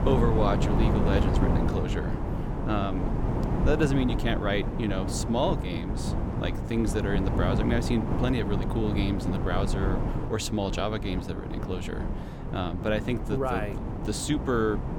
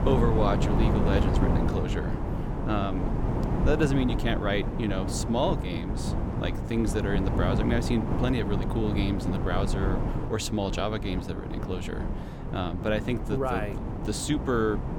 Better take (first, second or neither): neither